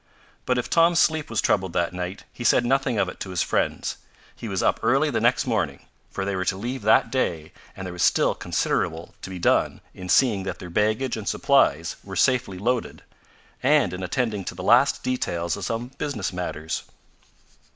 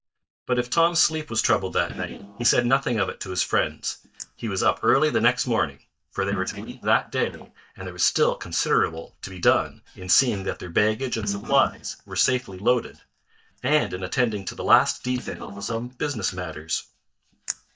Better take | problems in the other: first | noise reduction (neural mask model DeepFilterNet 3)

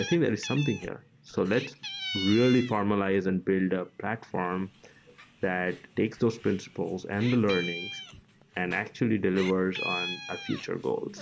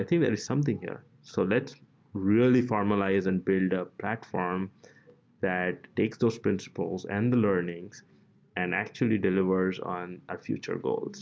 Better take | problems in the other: second | background sound (Meow); 12 dB below the speech

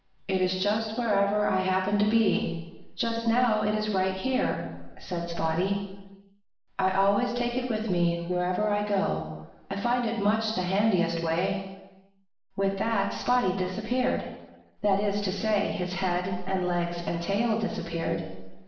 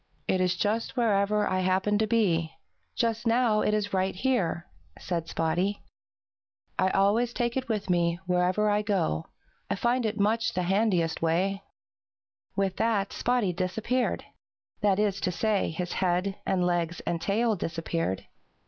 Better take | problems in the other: second | room echo; dies away in 0.9 s

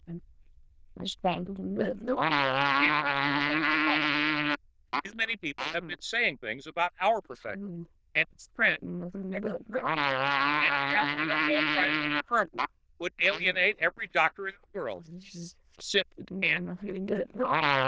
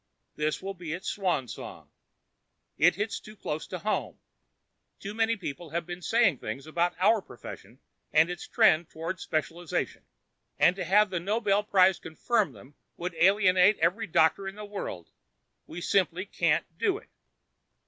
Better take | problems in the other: second | noise reduction (neural diffusion model UNIVERSE++)

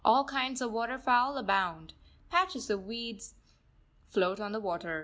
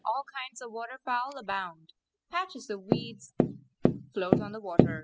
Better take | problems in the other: first | noise reduction (classical method spectral subtraction)

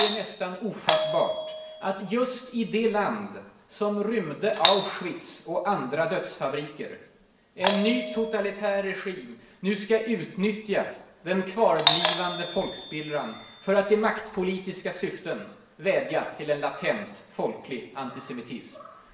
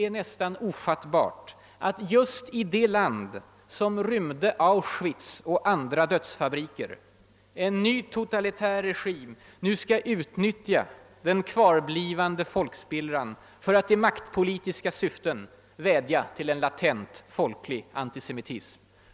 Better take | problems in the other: second | background sound (Doorbell); 6 dB below the speech // room echo; dies away in 0.7 s

